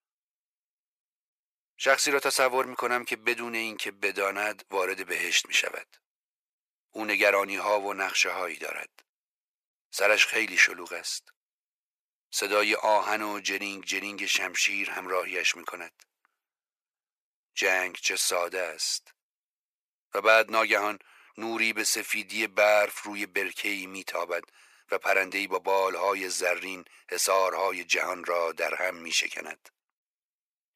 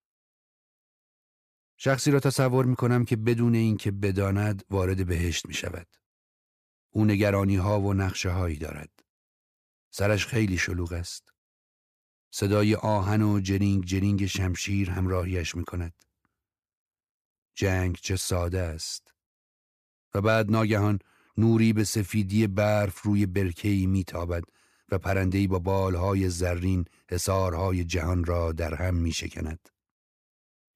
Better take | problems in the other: second | thin; very; fading below 550 Hz

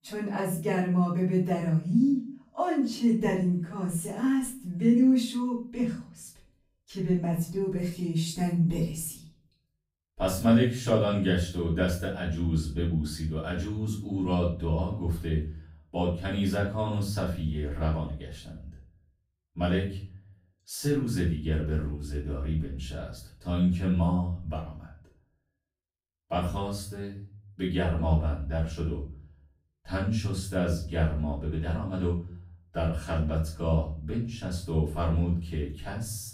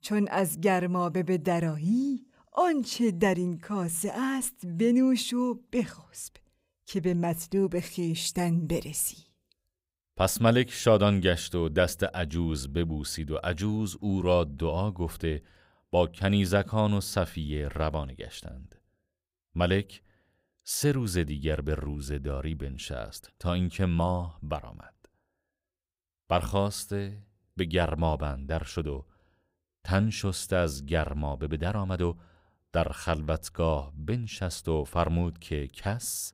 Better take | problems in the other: second | off-mic speech; far // room echo; noticeable; dies away in 0.5 s

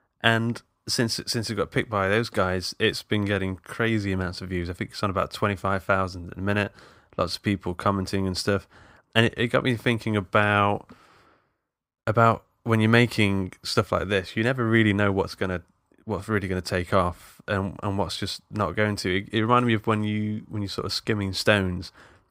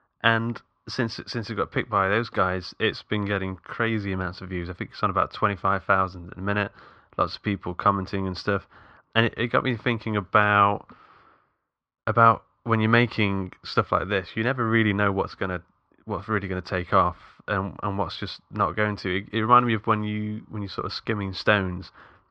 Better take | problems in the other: first | muffled; slightly; fading above 4.5 kHz

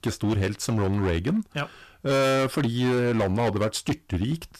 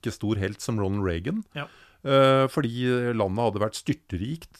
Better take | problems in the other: second | distortion; heavy; 18% of the sound clipped

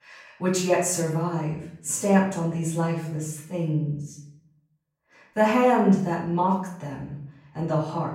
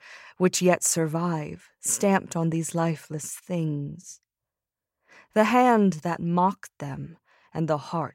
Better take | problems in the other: second | off-mic speech; far // room echo; noticeable; dies away in 0.6 s

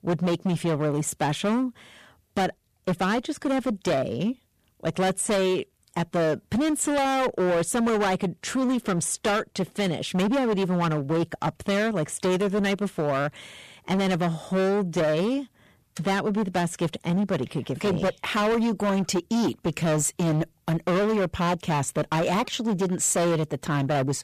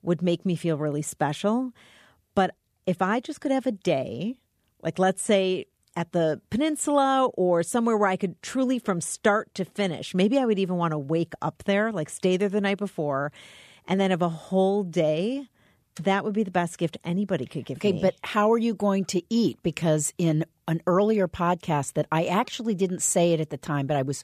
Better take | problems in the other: second | distortion; heavy; 21% of the sound clipped

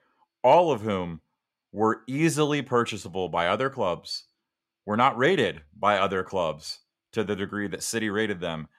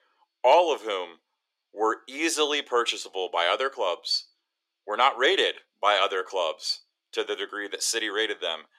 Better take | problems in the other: first | thin; very; fading below 350 Hz

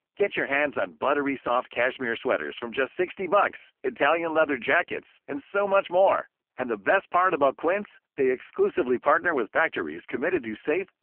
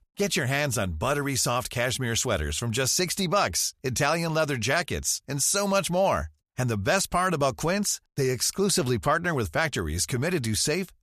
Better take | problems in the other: second | phone-call audio; poor line; nothing above 3 kHz

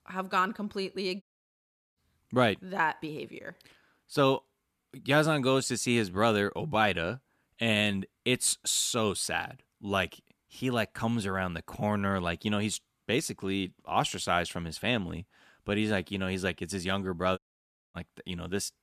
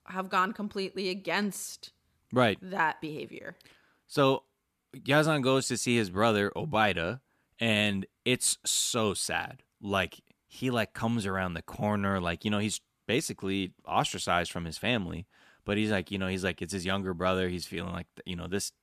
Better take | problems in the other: second | audio cutting out; at 1 s for 0.5 s and at 17 s for 0.5 s

